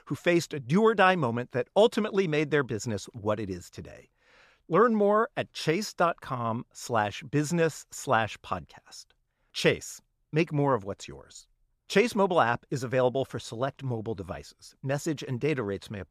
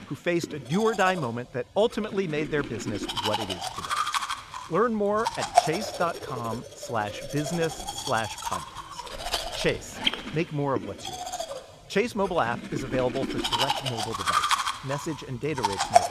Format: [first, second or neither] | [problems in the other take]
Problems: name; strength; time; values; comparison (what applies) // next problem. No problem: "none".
first | household noises; loud; throughout; 1 dB below the speech